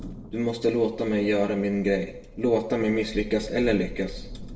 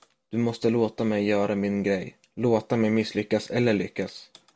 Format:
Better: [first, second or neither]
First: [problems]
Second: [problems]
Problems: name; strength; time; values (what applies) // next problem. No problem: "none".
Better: second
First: background sound (Thunder); 14 dB below the speech // room echo; dies away in 0.6 s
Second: none